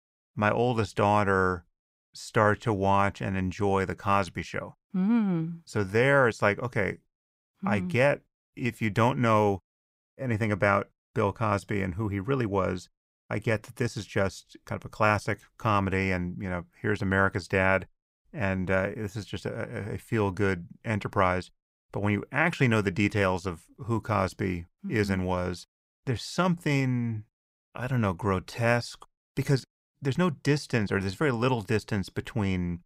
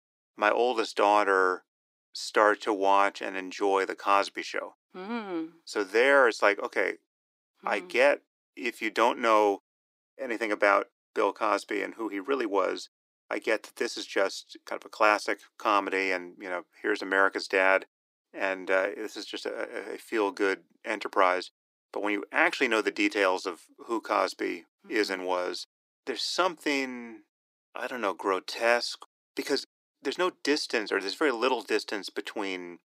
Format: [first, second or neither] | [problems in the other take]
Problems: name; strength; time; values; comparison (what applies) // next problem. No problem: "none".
first | thin; somewhat; fading below 300 Hz